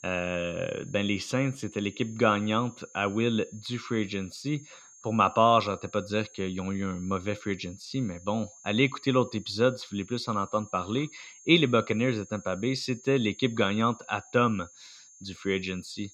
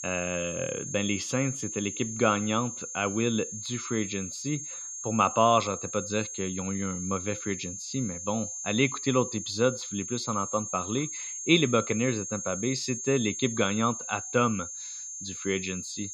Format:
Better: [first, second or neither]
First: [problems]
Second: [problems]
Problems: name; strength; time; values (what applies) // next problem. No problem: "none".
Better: first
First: high-pitched whine; faint; throughout; 6.5 kHz, 20 dB below the speech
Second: high-pitched whine; loud; throughout; 6.5 kHz, 6 dB below the speech